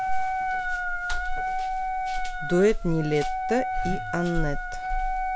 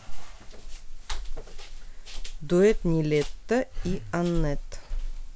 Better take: second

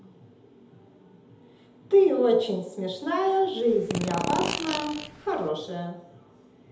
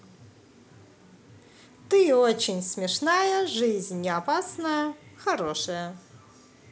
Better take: second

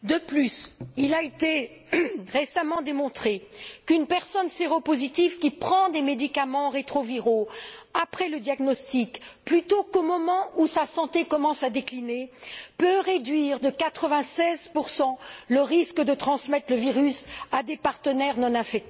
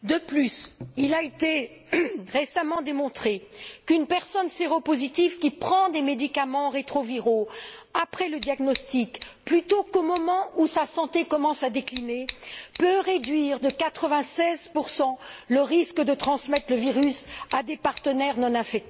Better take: first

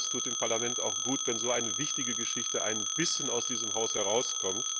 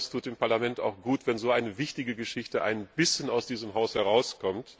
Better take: second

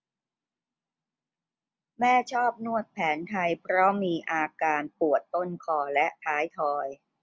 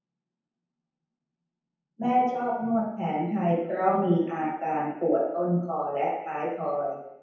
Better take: first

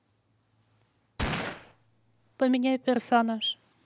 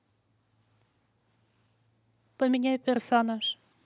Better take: second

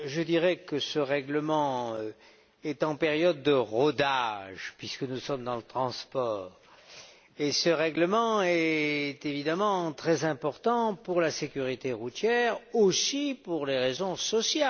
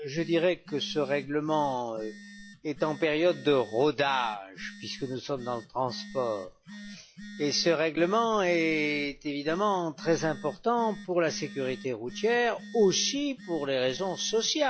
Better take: first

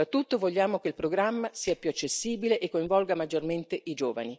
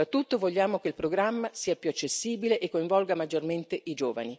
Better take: second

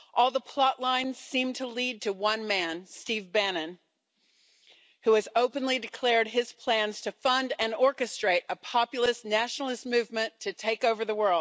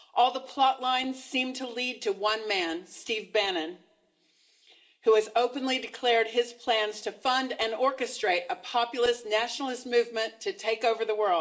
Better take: first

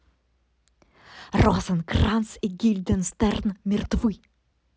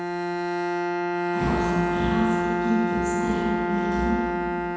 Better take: first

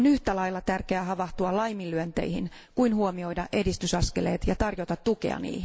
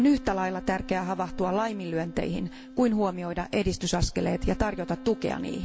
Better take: first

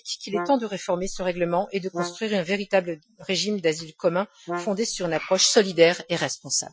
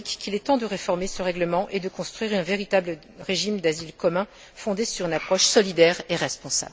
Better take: second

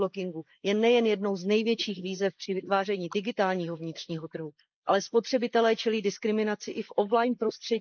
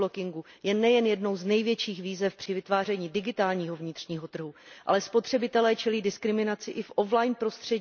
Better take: second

